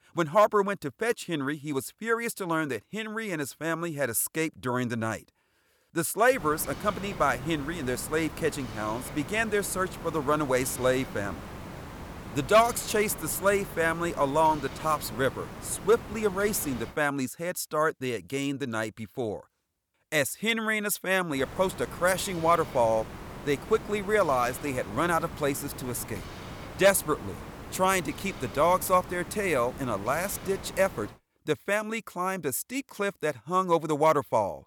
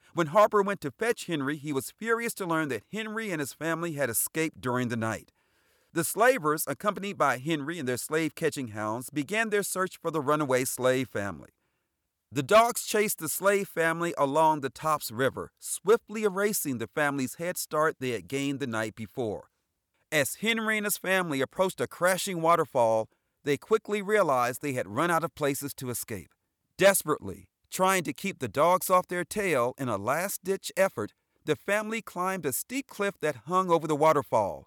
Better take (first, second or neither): second